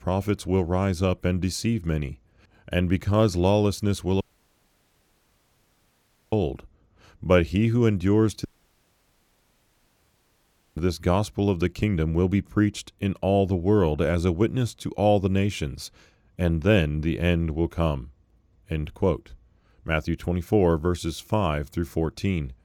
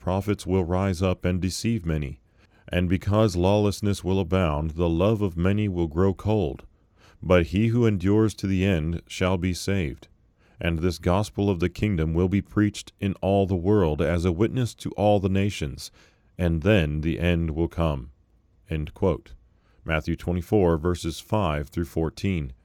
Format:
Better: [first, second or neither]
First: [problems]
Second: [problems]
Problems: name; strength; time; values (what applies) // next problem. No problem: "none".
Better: second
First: audio cutting out; at 4 s for 2 s and at 8.5 s for 2.5 s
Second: none